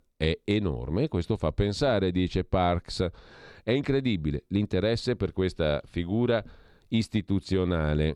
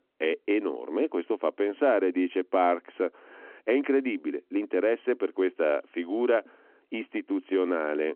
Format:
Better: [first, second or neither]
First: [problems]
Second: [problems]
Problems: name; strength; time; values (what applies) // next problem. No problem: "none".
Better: first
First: none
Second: phone-call audio